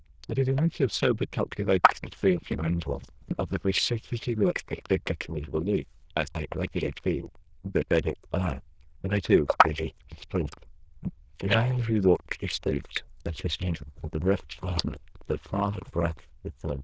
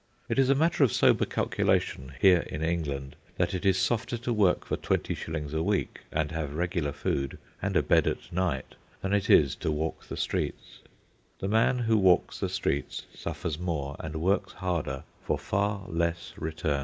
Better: second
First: noise reduction (neural diffusion model UNIVERSE++)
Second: none

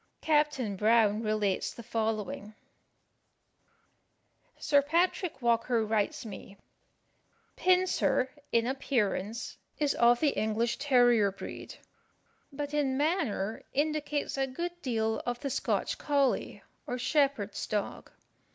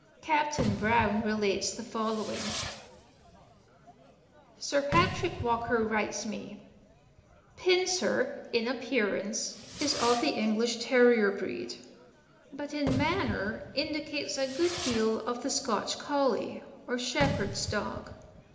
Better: first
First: none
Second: background sound (Fireworks); 10 dB below the speech // room echo; dies away in 0.8 s

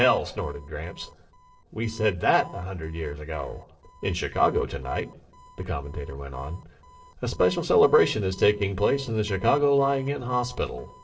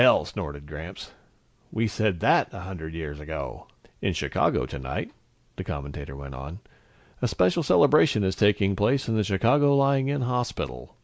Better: second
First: noise reduction (neural separator model SepFormer DNS4)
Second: none

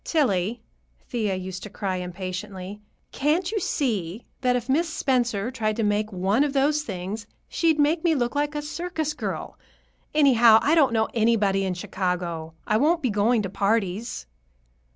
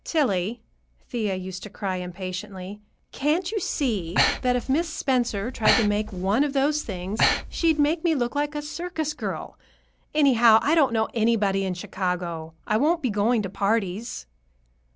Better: first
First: none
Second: background sound (Breathing); 4 dB below the speech

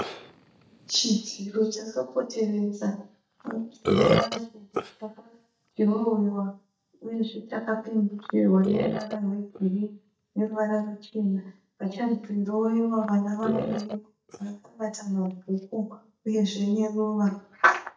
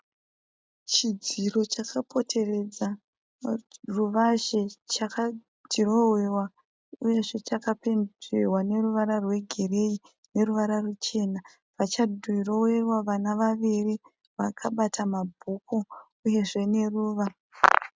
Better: second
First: noise reduction (neural mask model DeepFilterNet 3)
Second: none

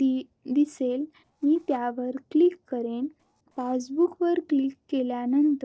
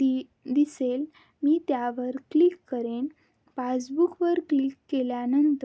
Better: second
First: noise reduction (neural separator model SepFormer DNS4)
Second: none

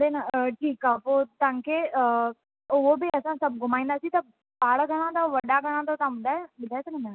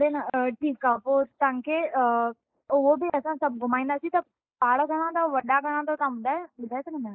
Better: first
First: none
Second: noise reduction (neural mask model Resemble Enhance denoiser)

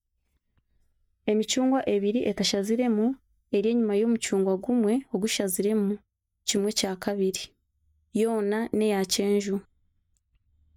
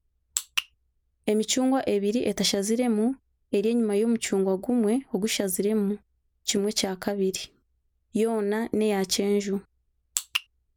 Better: second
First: noise reduction (neural mask model DeepFilterNet 3)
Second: none

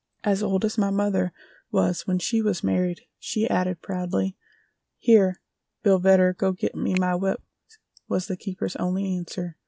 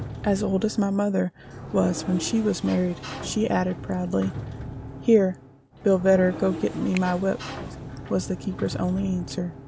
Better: first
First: none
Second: background sound (Sliding door); 11 dB below the speech

